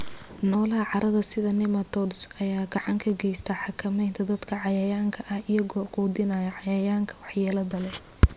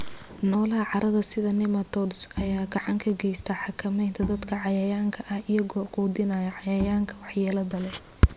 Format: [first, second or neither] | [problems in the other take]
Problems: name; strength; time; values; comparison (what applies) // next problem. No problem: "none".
first | background sound (Bowed string instrument); 12 dB below the speech